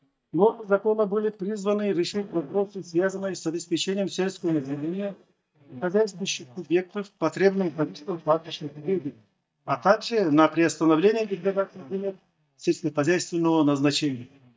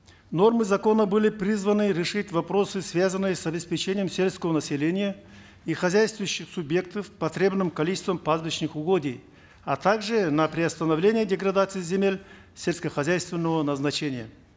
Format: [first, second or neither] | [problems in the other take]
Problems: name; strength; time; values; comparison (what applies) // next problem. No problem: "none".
second | noise reduction (neural mask model DeepFilterNet 3)